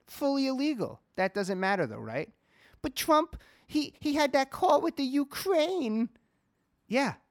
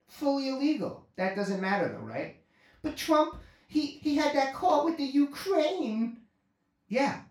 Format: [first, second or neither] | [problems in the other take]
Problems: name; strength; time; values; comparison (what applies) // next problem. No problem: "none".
first | room echo; noticeable; dies away in 0.3 s // off-mic speech; far